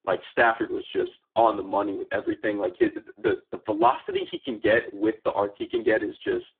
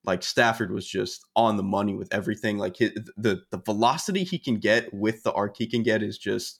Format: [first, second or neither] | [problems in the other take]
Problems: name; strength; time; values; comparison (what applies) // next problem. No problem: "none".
second | phone-call audio; poor line